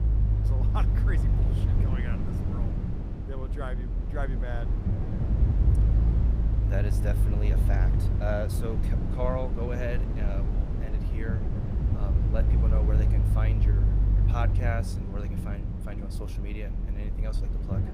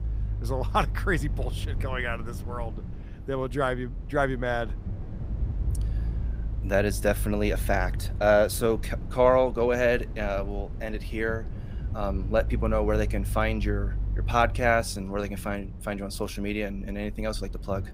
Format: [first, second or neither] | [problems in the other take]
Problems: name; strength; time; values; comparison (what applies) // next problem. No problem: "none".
second | low rumble; loud; throughout; 3 dB below the speech; faint in the second